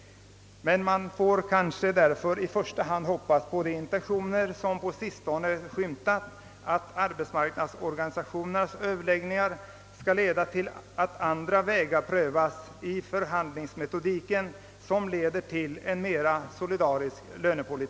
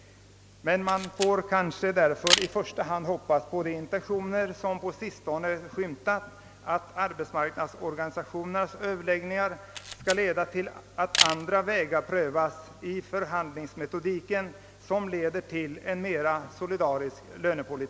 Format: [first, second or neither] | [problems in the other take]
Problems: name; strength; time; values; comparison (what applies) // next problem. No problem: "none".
first | background sound (Camera); 3 dB below the speech